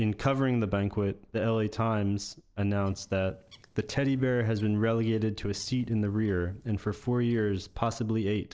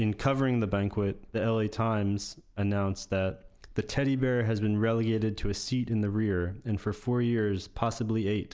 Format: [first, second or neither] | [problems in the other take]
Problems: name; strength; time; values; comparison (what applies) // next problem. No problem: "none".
second | noise reduction (neural separator model SepFormer DNS4)